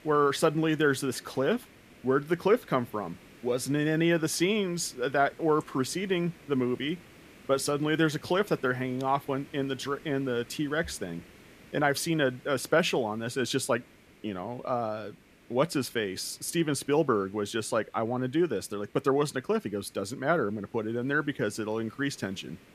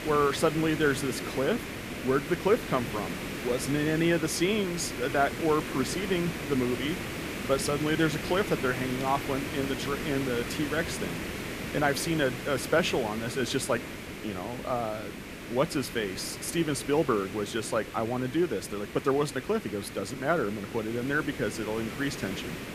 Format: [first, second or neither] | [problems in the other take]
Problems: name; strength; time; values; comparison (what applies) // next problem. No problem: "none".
first | hiss; loud; throughout; 7 dB below the speech; faint in the first